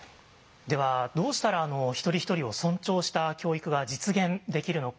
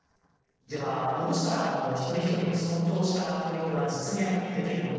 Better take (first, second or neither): first